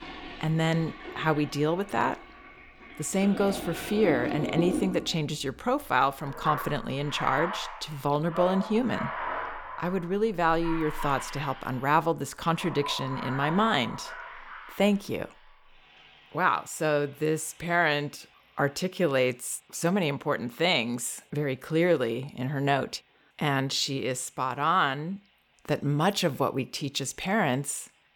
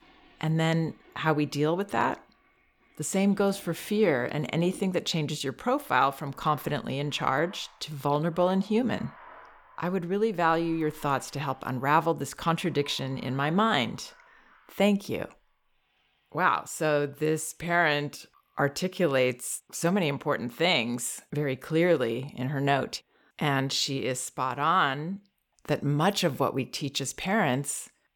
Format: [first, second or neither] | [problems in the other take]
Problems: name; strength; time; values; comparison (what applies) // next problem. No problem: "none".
second | household noises; loud; throughout; 9 dB below the speech; faint in the second